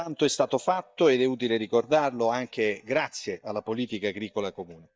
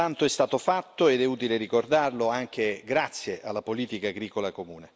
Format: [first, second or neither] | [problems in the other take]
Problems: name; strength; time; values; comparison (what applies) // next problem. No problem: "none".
second | noise reduction (neural mask model DeepFilterNet 3)